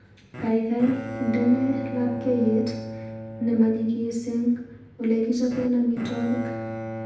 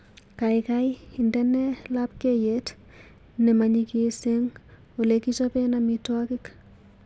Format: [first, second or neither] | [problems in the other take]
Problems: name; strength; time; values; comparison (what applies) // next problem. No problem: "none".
second | background sound (Bowed string instrument); 10 dB below the speech // room echo; dies away in 0.8 s